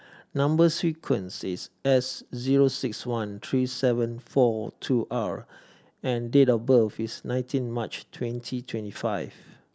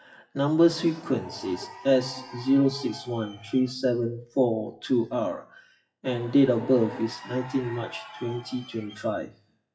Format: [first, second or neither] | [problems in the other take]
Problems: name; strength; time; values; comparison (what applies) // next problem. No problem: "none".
first | noise reduction (classical method WPE with log-MMSE)